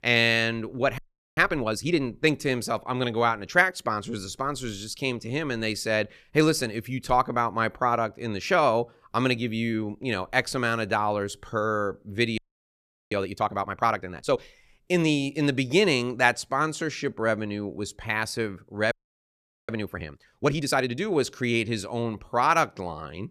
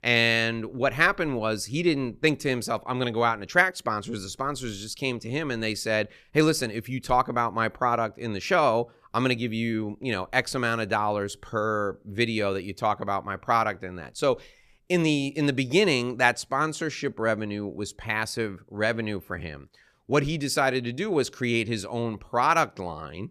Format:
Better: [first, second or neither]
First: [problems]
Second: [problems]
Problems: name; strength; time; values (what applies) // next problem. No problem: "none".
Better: second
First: audio freezing; at 1 s, at 12 s for 0.5 s and at 19 s for 1 s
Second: none